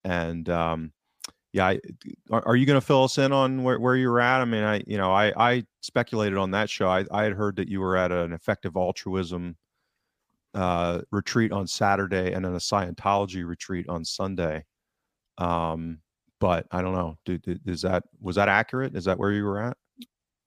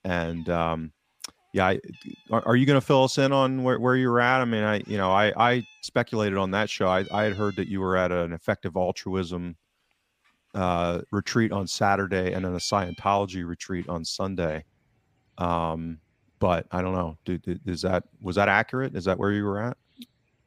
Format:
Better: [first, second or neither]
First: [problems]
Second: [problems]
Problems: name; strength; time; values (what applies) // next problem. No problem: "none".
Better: first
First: none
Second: animal sounds; faint; throughout; 25 dB below the speech